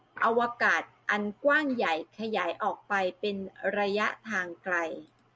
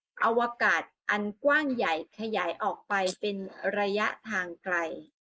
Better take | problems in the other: first | noise reduction (neural mask model Resemble Enhance denoiser)

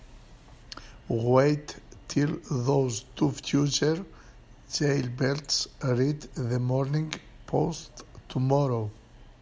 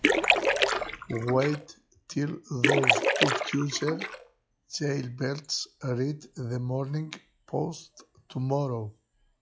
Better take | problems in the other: first | noise reduction (classical method log-MMSE)

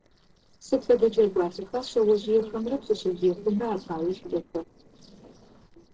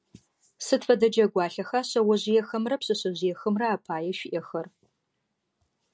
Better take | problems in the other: second | noise reduction (neural separator model SepFormer DNS4)

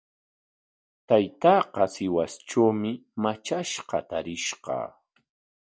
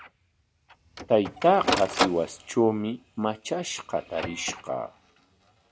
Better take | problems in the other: first | background sound (Printer); 7 dB below the speech

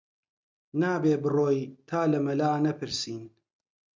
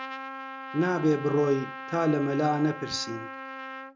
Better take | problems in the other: first | background sound (Trumpet); 11 dB below the speech

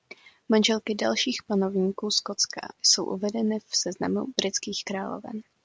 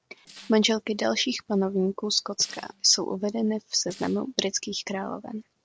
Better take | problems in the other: first | noise reduction (neural separator model SepFormer DNS4)

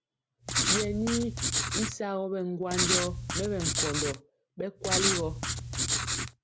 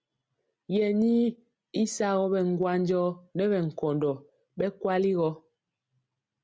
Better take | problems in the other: second | background sound (Writing); 4 dB above the speech

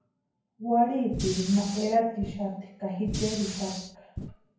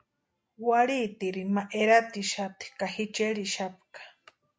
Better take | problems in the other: second | background sound (Fire); 8 dB below the speech // room echo; dies away in 0.9 s

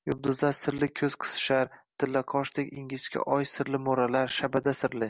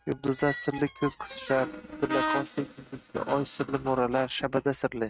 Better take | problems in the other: first | noise reduction (neural mask model RNNoise)

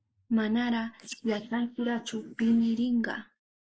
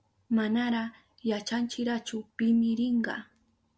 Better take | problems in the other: second | noise reduction (neural mask model Resemble Enhance denoiser)

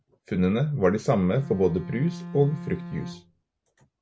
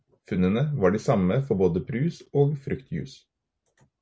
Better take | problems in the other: second | background sound (Bowed string instrument); 12 dB below the speech

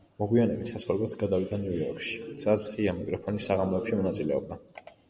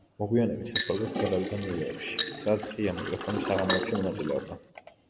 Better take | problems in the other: first | background sound (Toilet flush + Glass); 4 dB below the speech

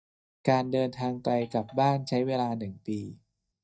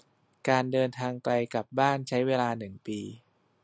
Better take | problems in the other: second | noise reduction (neural mask model DeepFilterNet 3)

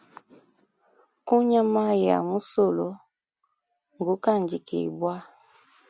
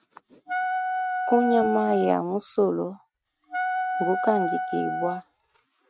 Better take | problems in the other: first | noise reduction (neural mask model RNNoise)

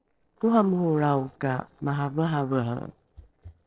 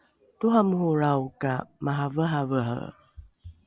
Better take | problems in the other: second | noise reduction (neural separator model SepFormer DNS4)

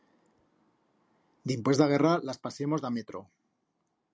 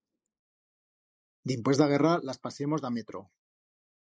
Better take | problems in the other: first | noise reduction (neural mask model Resemble Enhance denoiser)

